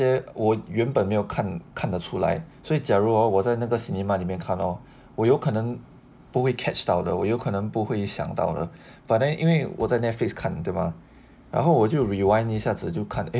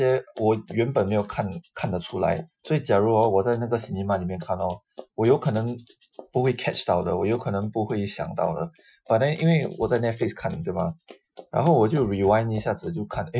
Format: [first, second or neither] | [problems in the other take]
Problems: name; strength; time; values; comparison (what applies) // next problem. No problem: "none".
first | noise reduction (classical method Wiener filter)